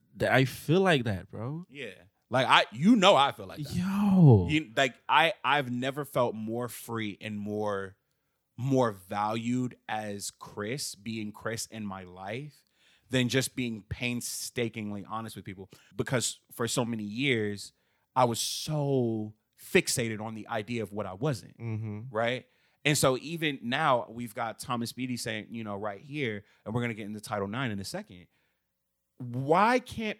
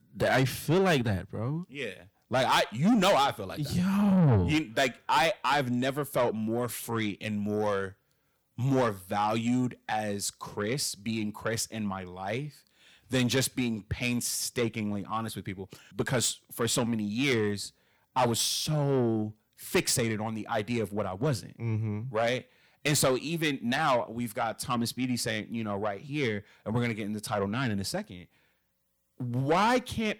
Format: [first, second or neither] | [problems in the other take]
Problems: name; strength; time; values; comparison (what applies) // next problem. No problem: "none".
first | distortion; heavy; 7 dB below the speech